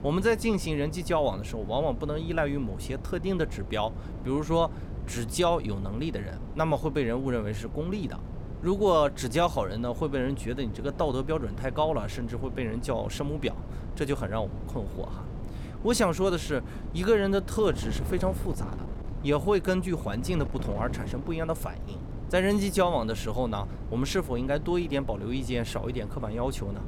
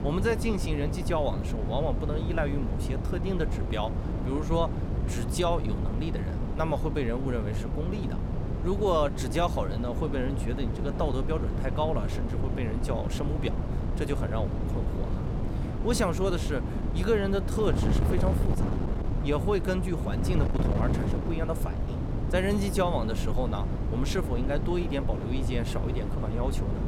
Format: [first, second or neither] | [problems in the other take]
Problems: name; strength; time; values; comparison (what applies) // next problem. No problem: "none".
first | wind noise on the microphone; heavy; 6 dB below the speech; occasional gusts in the first